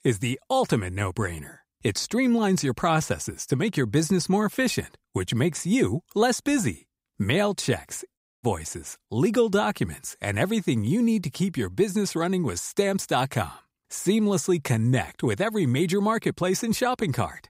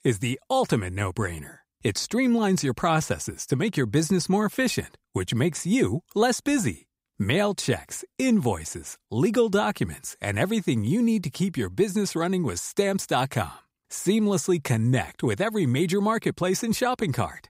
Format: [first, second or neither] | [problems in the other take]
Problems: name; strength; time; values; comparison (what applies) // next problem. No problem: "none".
second | audio cutting out; at 8 s